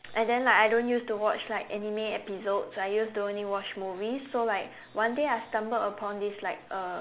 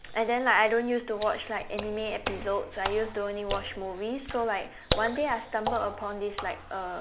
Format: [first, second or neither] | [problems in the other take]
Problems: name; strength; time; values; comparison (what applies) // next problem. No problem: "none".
first | background sound (Water / Splash, splatter); 8 dB below the speech